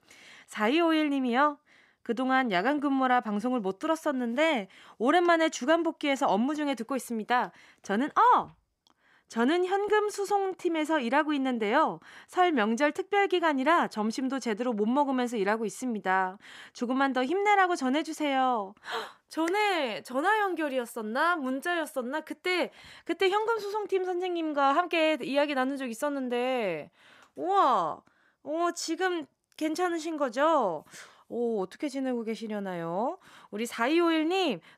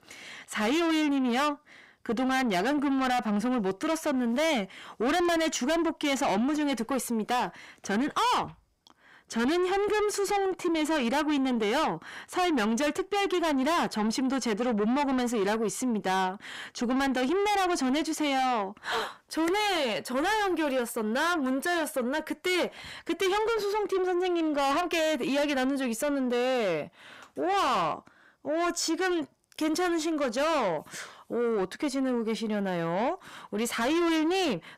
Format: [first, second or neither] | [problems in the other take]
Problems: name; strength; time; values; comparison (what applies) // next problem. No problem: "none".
first | distortion; heavy; 6 dB below the speech